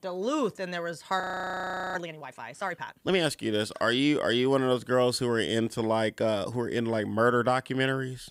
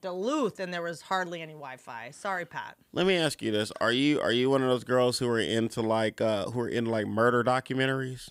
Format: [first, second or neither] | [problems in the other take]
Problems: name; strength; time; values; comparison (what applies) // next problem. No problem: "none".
second | audio freezing; at 1 s for 1 s